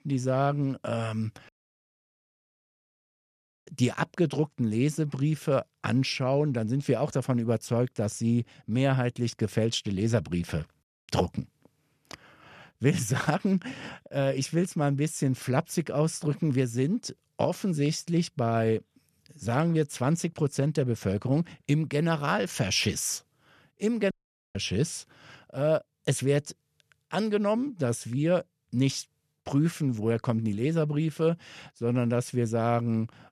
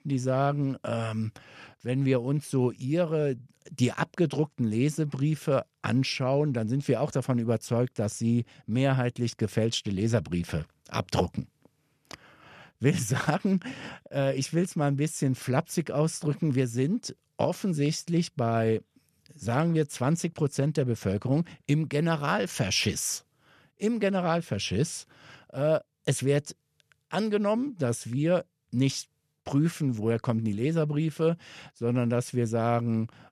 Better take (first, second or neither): second